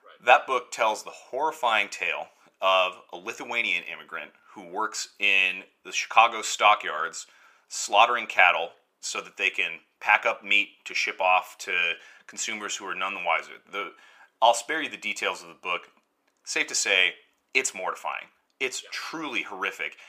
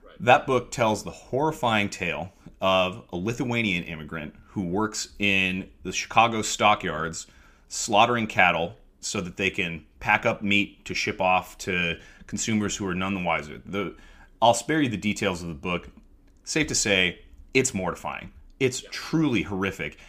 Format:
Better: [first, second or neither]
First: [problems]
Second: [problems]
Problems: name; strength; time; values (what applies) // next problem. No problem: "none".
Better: second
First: thin; very; fading below 650 Hz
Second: none